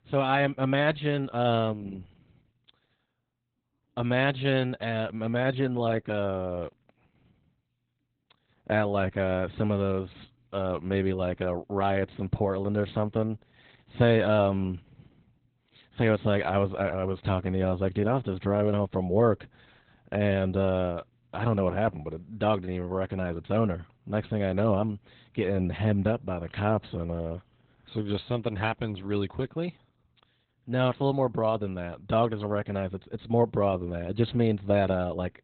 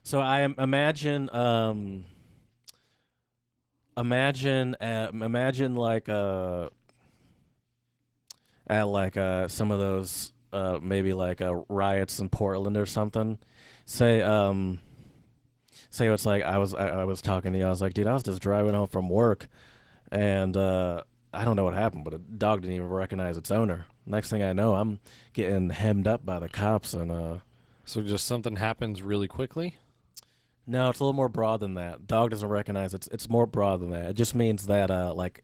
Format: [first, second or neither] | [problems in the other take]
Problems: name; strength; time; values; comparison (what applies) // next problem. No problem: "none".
second | garbled, watery; badly; nothing above 4 kHz; slightly in the second